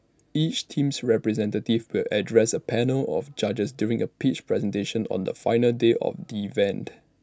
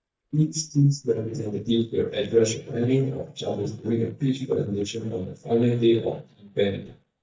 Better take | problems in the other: first | noise reduction (neural mask model DeepFilterNet 3)

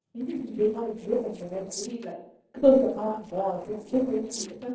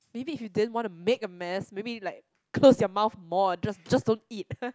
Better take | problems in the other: second | noise reduction (neural separator model SepFormer DNS4)

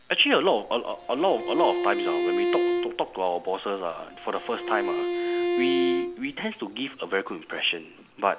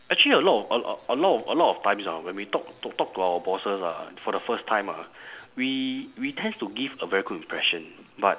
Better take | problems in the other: second | background sound (Bowed string instrument); 1 dB below the speech

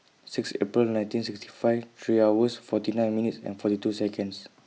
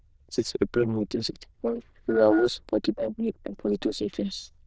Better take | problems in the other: first | noise reduction (neural diffusion model UNIVERSE++)

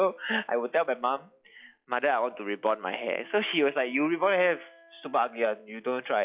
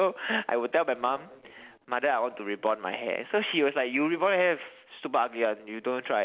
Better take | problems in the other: second | noise reduction (classical method log-MMSE)

